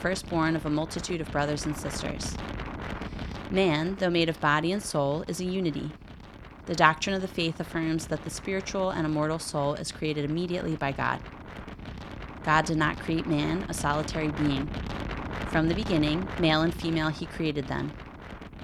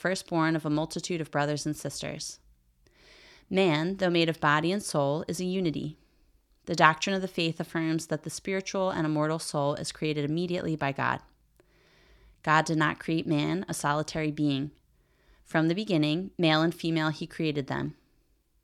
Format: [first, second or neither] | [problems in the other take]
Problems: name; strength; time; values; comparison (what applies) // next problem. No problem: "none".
second | wind noise on the microphone; occasional gusts; 10 dB below the speech